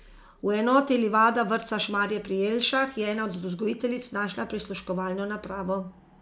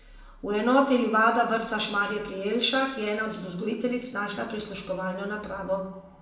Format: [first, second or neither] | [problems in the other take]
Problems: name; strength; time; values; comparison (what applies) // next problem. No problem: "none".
first | room echo; dies away in 0.8 s